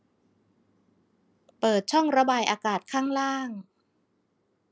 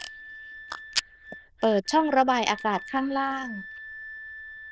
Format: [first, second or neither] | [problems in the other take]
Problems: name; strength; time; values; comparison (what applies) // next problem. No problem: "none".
first | noise reduction (neural diffusion model UNIVERSE++)